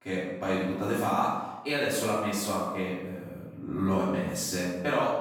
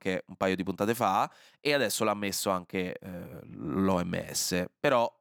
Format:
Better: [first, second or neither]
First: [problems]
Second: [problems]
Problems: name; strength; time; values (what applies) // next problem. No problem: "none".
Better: second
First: off-mic speech; far // room echo; strong; dies away in 0.9 s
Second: none